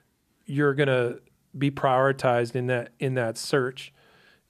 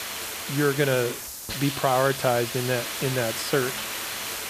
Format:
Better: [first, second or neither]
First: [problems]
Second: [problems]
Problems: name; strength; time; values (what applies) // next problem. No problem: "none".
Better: first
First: none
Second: hiss; loud; throughout; 5 dB below the speech